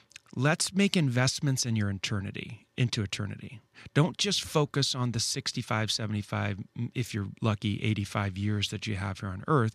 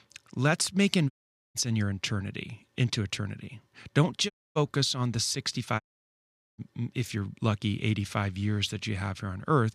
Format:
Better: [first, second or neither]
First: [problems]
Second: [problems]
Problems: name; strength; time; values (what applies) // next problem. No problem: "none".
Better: first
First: none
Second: audio cutting out; at 1 s, at 4.5 s and at 6 s for 1 s